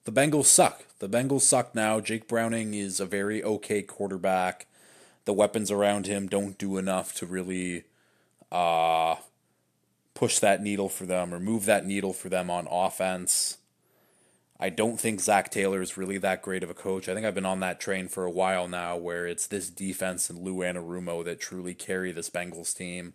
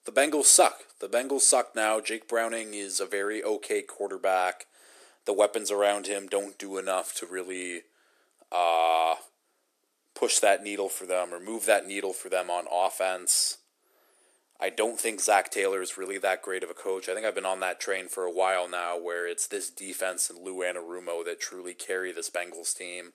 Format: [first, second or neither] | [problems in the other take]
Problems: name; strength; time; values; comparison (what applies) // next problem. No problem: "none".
first | thin; somewhat; fading below 300 Hz